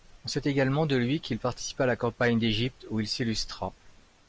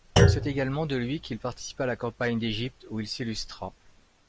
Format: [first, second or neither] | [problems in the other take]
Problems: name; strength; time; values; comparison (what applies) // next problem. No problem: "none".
first | background sound (Thump, thud); 2 dB above the speech